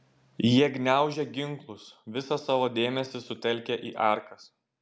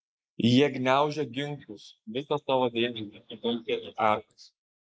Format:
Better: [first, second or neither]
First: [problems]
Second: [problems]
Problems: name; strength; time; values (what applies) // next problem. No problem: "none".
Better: first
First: none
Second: noise reduction (neural mask model Resemble Enhance denoiser)